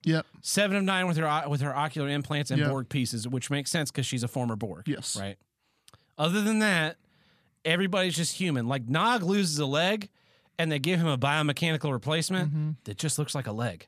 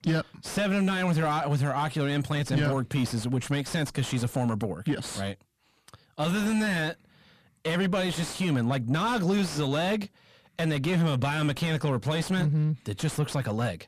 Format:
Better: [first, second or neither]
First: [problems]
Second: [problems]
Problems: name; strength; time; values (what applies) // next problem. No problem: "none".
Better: first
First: none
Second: distortion; heavy; 7 dB below the speech